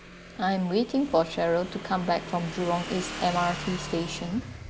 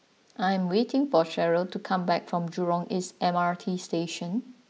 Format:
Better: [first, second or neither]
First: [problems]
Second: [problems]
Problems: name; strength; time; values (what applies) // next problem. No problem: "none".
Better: second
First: background sound (Motorcycle / Engine); 10 dB below the speech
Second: none